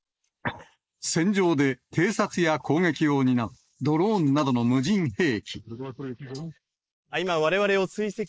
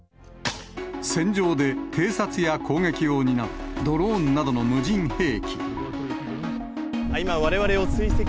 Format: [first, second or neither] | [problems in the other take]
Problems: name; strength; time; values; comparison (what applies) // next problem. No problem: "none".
second | noise reduction (neural mask model Resemble Enhance denoiser)